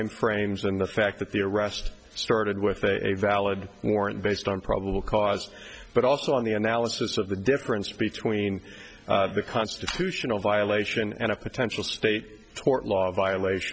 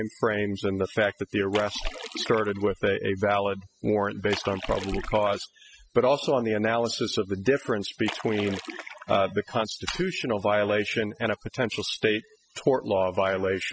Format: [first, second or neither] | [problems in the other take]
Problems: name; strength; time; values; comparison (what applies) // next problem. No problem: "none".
first | noise reduction (classical method spectral subtraction)